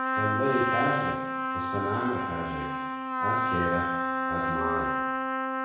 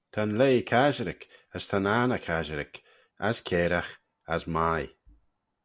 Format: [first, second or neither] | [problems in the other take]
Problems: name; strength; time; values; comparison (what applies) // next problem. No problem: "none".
second | background sound (Trumpet); 4 dB above the speech // room echo; dies away in 1.1 s